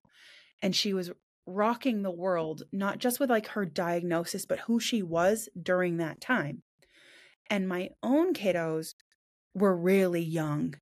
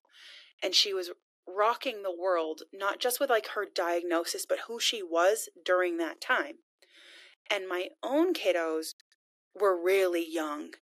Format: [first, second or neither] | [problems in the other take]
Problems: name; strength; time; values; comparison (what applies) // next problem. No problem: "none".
first | thin; very; fading below 300 Hz